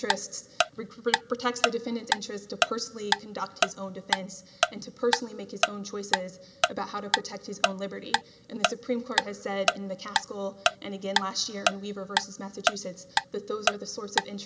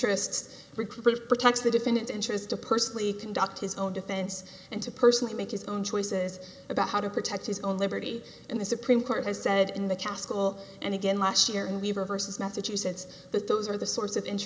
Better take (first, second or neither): second